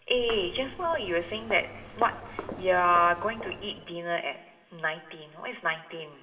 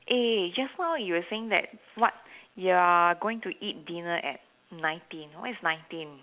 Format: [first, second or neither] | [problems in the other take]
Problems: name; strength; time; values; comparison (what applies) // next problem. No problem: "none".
second | background sound (Walk, footsteps); 12 dB below the speech // room echo; dies away in 2.5 s